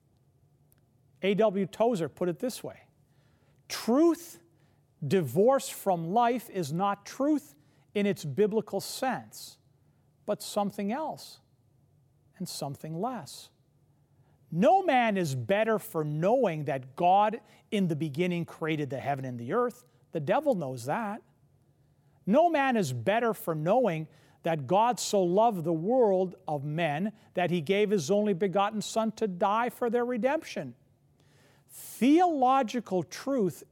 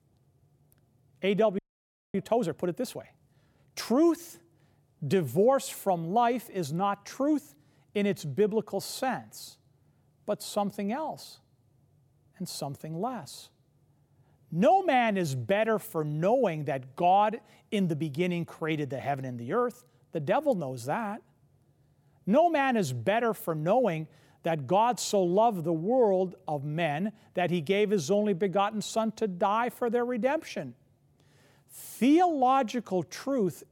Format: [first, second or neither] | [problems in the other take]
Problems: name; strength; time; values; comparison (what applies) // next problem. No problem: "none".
first | audio freezing; at 1.5 s for 0.5 s